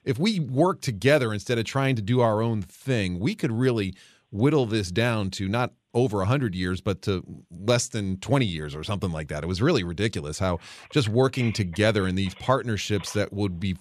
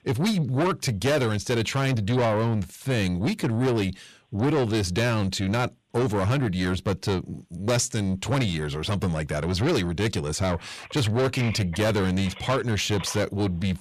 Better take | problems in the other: first | distortion; heavy; 7 dB below the speech

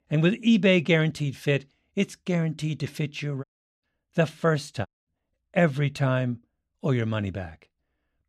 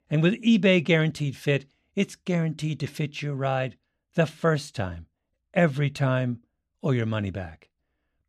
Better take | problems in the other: second | audio cutting out; at 3.5 s and at 5 s

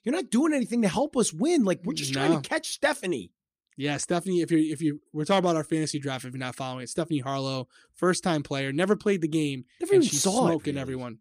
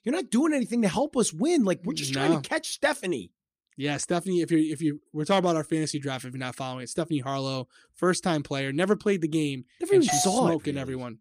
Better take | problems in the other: first | doorbell; noticeable; at 10 s; peak 4 dB below the speech

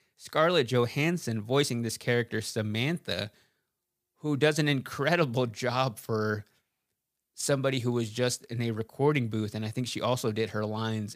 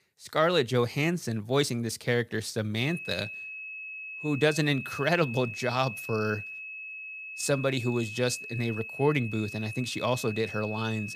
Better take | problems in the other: first | high-pitched whine; loud; from 3 s on; 2.5 kHz, 9 dB below the speech

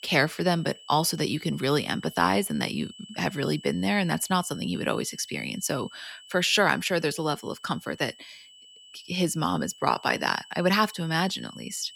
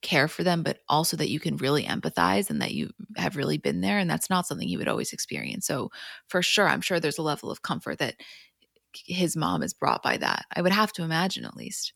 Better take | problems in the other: second | high-pitched whine; noticeable; throughout; 3 kHz, 20 dB below the speech

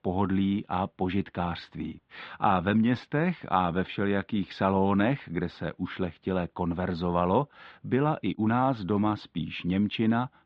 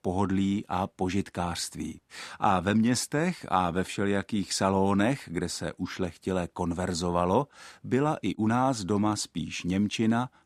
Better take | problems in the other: second | muffled; very; fading above 3.5 kHz

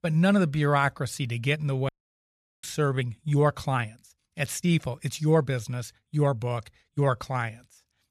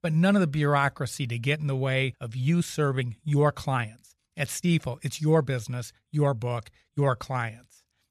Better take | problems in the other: second | audio cutting out; at 2 s for 0.5 s

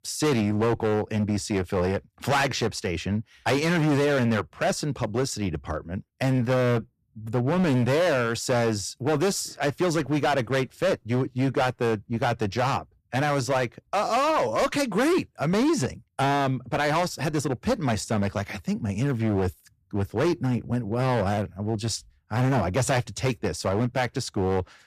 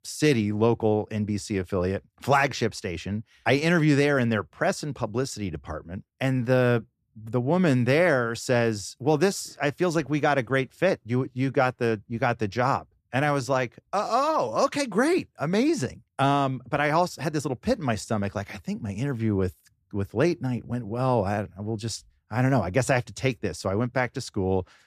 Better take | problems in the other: second | distortion; heavy; 13% of the sound clipped

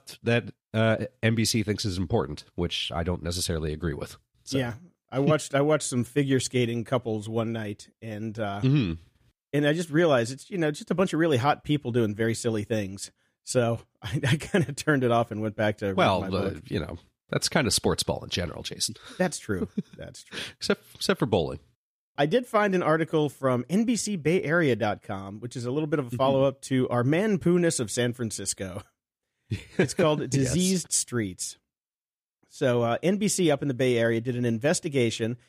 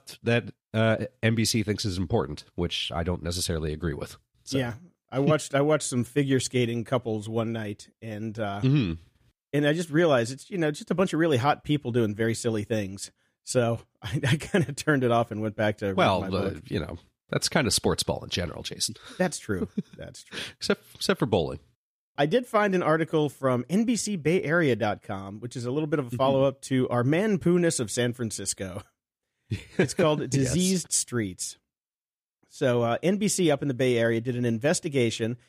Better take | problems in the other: neither | none

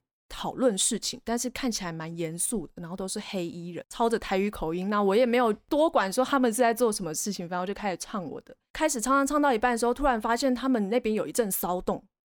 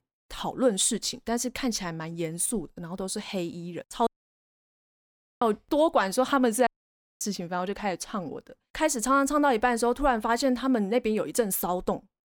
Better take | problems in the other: first | audio cutting out; at 4 s for 1.5 s and at 6.5 s for 0.5 s

